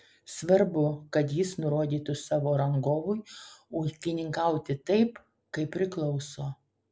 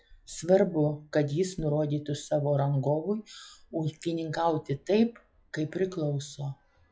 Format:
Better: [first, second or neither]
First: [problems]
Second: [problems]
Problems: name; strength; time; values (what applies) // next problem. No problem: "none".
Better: first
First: none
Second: noise reduction (classical method log-MMSE)